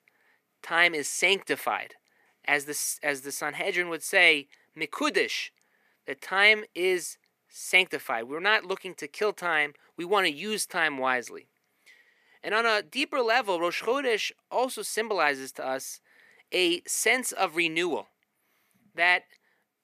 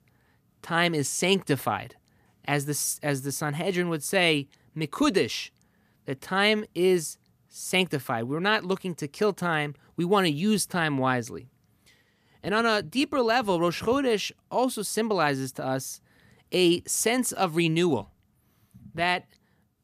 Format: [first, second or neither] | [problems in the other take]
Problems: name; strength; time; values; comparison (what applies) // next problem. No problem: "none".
second | thin; somewhat; fading below 450 Hz